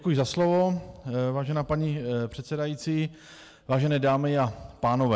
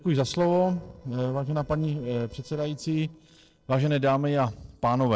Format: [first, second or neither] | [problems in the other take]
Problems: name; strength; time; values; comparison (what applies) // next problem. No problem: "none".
first | noise reduction (neural separator model SepFormer DNS4)